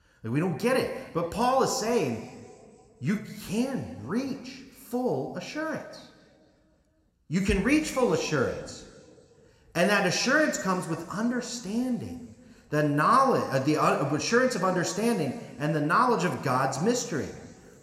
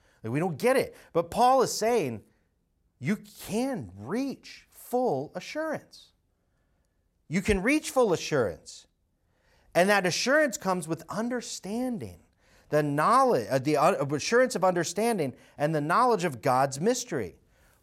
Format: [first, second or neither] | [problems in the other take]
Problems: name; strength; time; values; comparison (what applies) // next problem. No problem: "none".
second | room echo; slight; dies away in 1.8 s